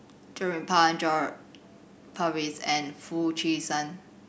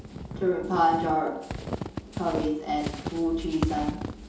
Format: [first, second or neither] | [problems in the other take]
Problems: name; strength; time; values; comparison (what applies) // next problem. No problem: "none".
first | background sound (Squeak / Walk, footsteps); 7 dB below the speech // room echo; dies away in 2.8 s